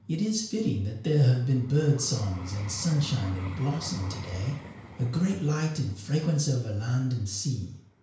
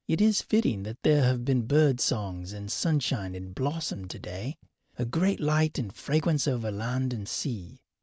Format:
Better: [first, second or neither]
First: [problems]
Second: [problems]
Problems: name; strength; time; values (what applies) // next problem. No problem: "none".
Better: second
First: background sound (Vehicle); 17 dB below the speech // room echo; dies away in 0.5 s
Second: none